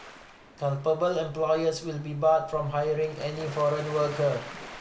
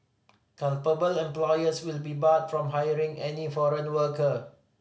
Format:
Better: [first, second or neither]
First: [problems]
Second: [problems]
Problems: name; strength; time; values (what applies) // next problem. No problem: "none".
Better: second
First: background sound (Waves, surf); 16 dB below the speech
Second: none